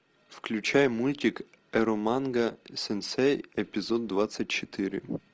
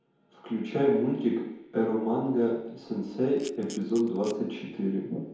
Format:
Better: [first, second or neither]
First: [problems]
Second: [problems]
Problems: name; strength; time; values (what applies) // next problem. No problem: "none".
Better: first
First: none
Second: background sound (Camera); 20 dB below the speech // room echo; dies away in 0.9 s